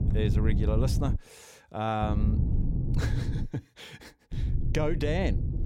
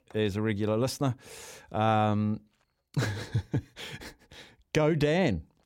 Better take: second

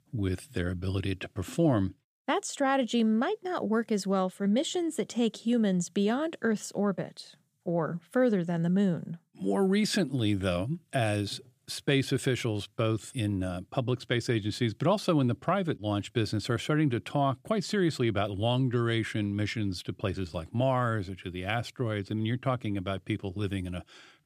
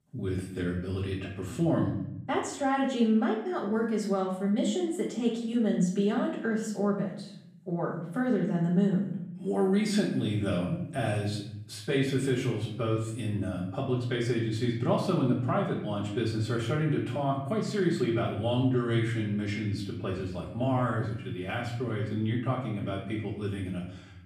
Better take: first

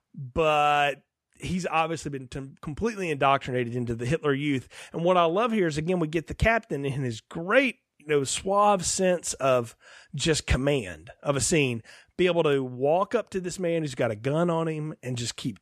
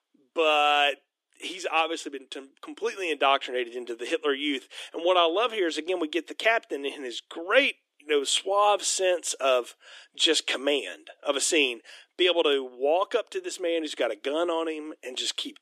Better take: first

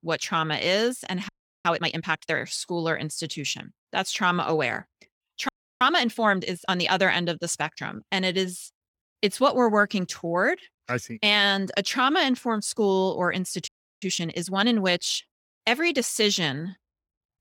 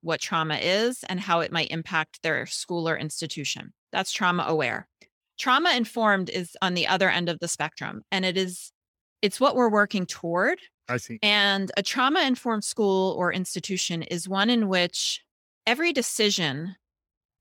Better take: second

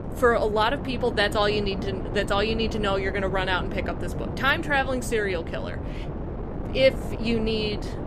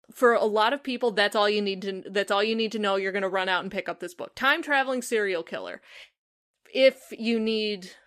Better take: second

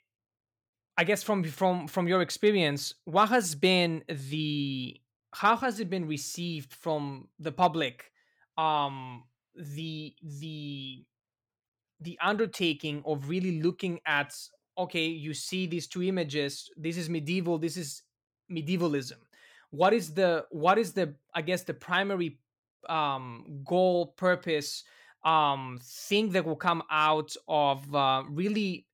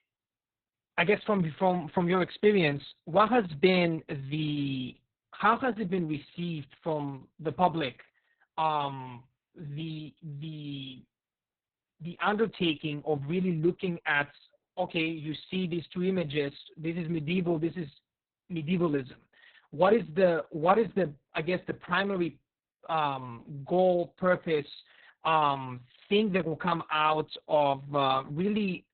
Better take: first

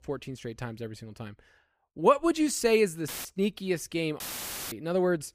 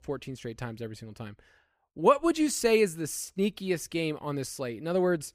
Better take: second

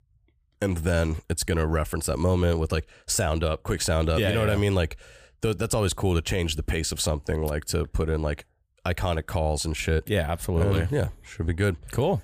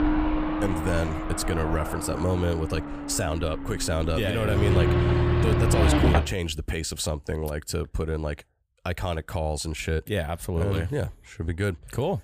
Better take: first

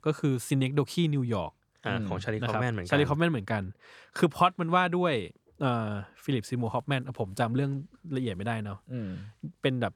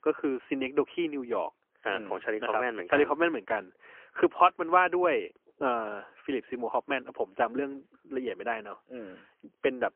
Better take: first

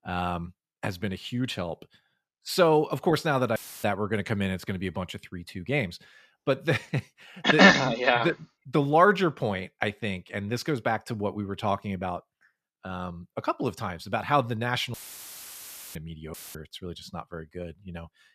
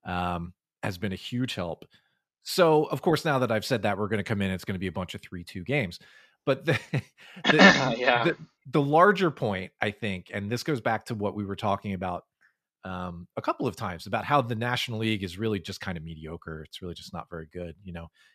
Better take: second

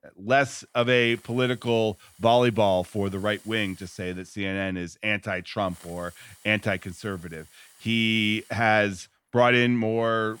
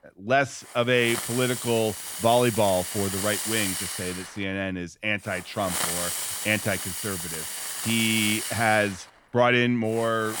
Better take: first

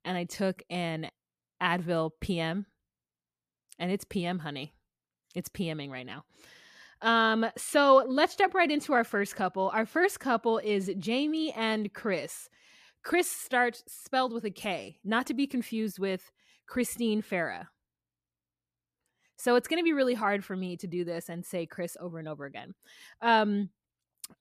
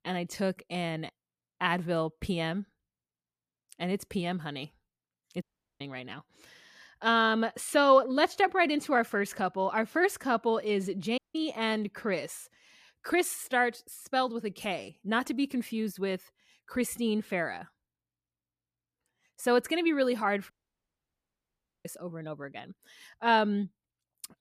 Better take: first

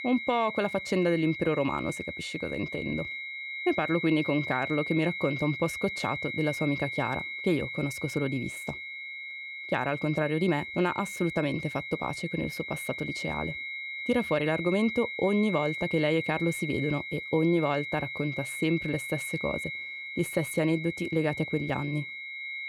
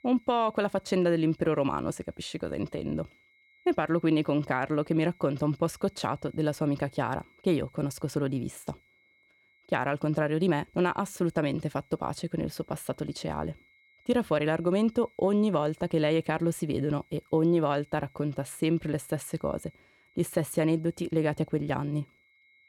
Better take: second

